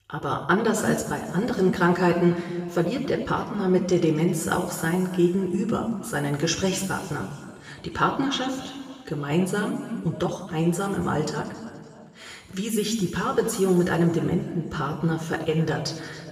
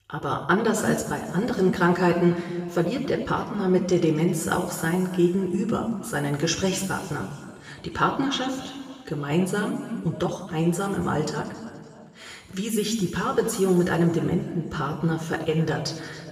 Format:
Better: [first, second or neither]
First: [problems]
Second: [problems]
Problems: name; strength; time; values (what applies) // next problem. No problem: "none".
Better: neither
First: room echo; noticeable; dies away in 2.1 s // off-mic speech; somewhat distant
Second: room echo; noticeable; dies away in 2.1 s // off-mic speech; somewhat distant